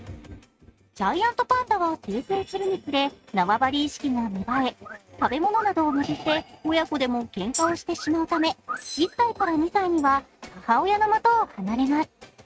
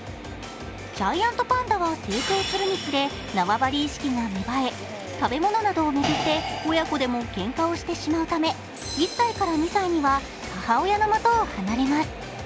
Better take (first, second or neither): second